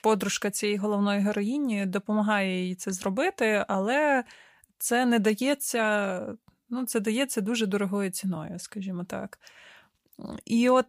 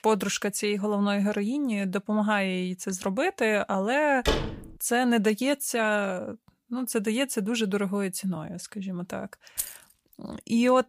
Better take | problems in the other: first | door banging; noticeable; at 4.5 s; peak 1 dB below the speech // jangling keys; noticeable; at 9.5 s; peak 6 dB below the speech

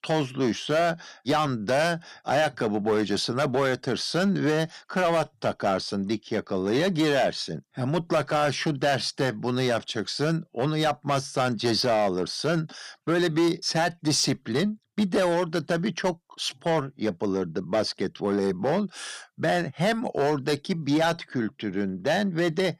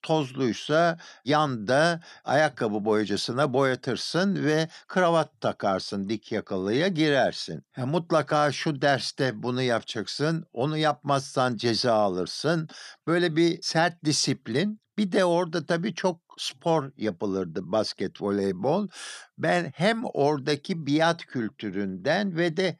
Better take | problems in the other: second | distortion; slight; 7% of the sound clipped

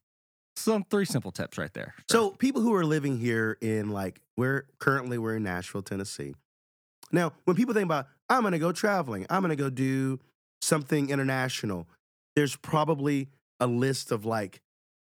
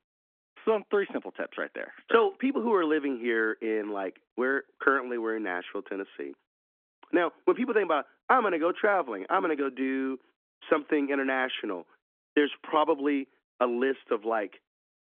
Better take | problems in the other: first | phone-call audio; nothing above 3.5 kHz

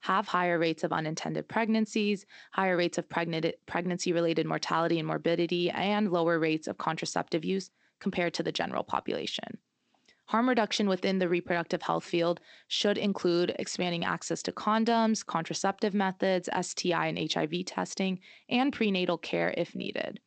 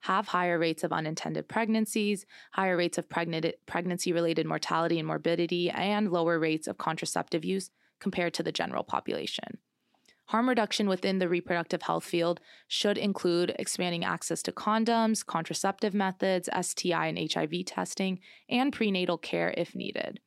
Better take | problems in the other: second | garbled, watery; slightly; nothing above 8 kHz

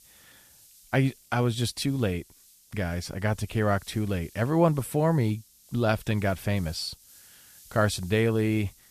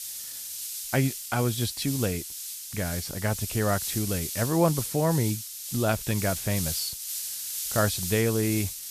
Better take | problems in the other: first | hiss; loud; throughout; 4 dB below the speech; faint in the first

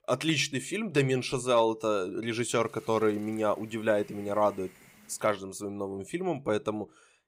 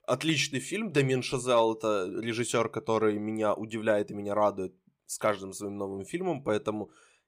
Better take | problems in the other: second | hiss; faint; from 2.5 to 5.5 s; 25 dB below the speech

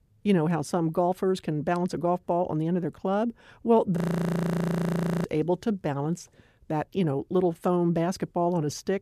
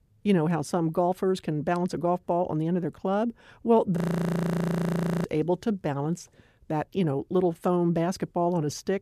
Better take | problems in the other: neither | audio freezing; at 4 s for 1.5 s; the same in both

